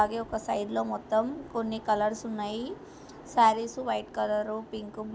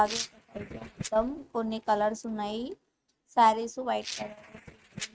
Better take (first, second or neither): first